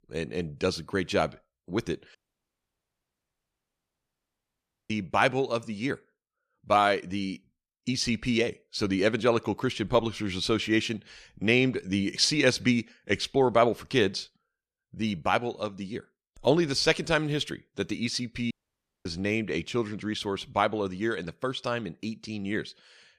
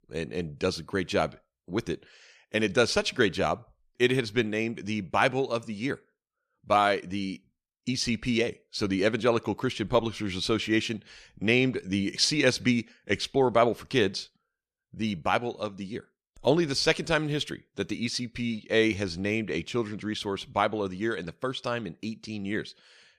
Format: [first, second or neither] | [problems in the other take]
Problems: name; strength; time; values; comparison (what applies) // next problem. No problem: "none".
second | audio cutting out; at 2 s for 3 s and at 19 s for 0.5 s